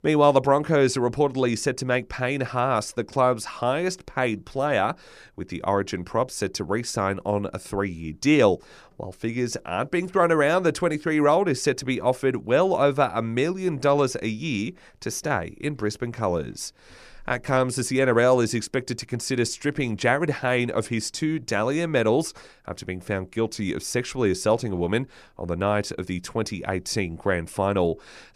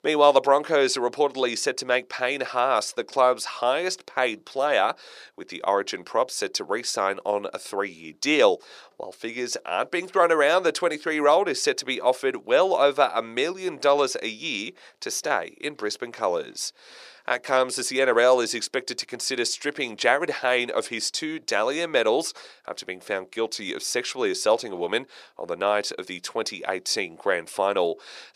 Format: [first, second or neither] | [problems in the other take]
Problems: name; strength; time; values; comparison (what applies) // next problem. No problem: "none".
first | thin; somewhat; fading below 500 Hz